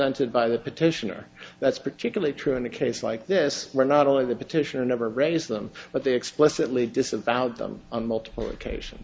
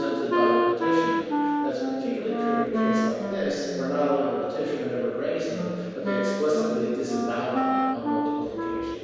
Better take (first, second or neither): first